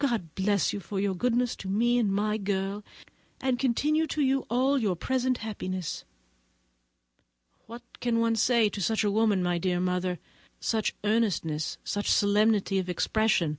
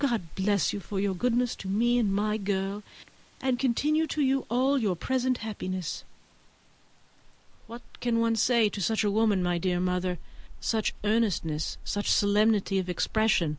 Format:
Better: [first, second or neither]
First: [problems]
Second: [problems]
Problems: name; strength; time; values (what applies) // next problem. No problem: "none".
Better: first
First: none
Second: background sound (Rain); 15 dB below the speech